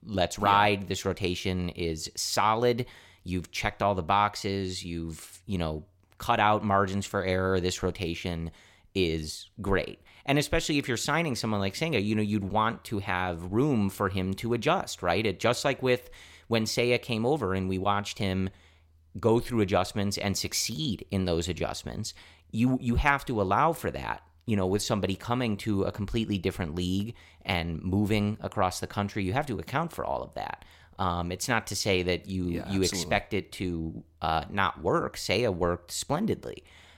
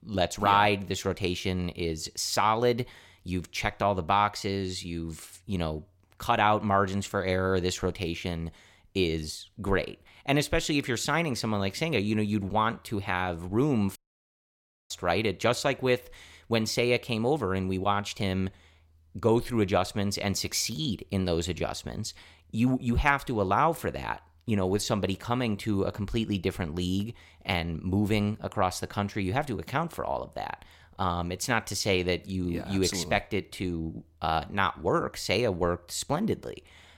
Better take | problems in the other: first | audio cutting out; at 14 s for 1 s

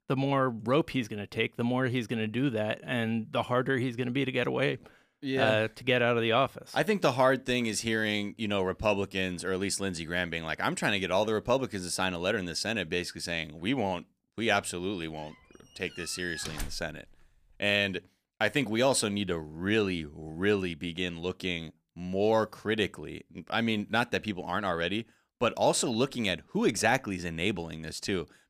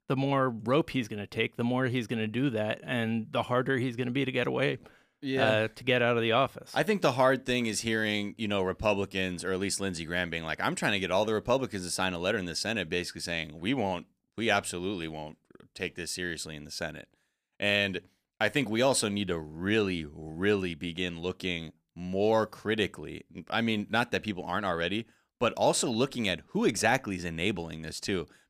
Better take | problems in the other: second | door banging; noticeable; from 16 to 17 s; peak 9 dB below the speech

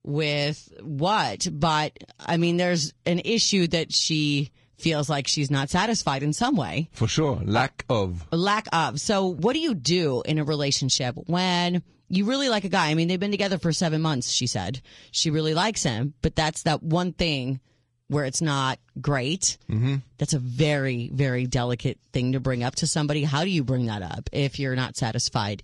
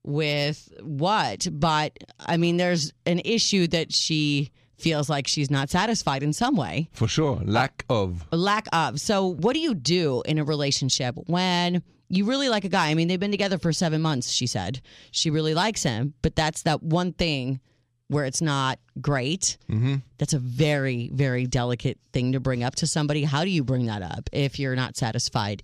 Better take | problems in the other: second | garbled, watery; slightly

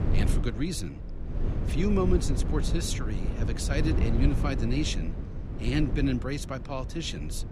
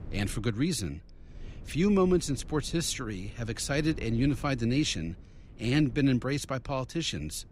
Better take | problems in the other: second | low rumble; loud; throughout; 7 dB below the speech; faint in the second

